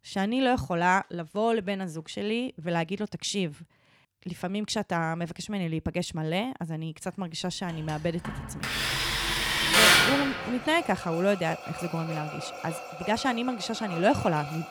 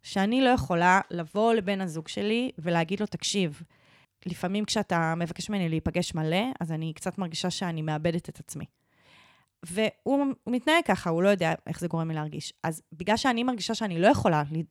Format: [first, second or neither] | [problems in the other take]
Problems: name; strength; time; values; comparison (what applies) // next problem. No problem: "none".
second | machinery noise; very loud; from 7 s on; 2 dB above the speech